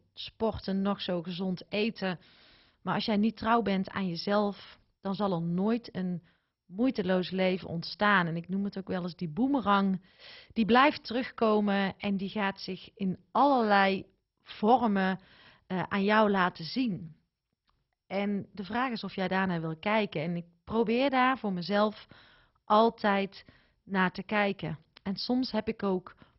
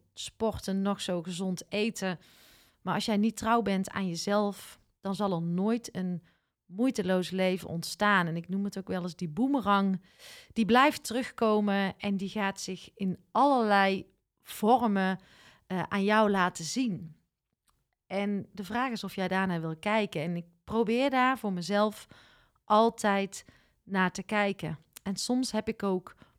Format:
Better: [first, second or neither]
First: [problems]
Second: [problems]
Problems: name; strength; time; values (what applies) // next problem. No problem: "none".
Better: second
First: garbled, watery; badly; nothing above 5.5 kHz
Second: none